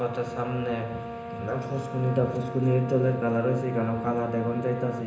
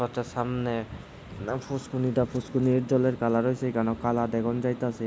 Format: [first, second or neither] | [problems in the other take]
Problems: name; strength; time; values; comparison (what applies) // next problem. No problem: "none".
second | background sound (Brass instrument); 10 dB below the speech // room echo; dies away in 0.9 s